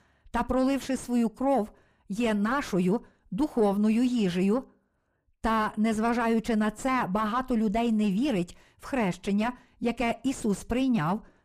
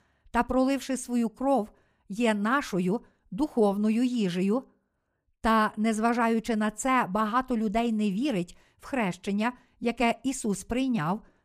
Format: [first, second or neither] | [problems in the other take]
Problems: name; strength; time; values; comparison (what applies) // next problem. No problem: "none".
second | distortion; slight; 9 dB below the speech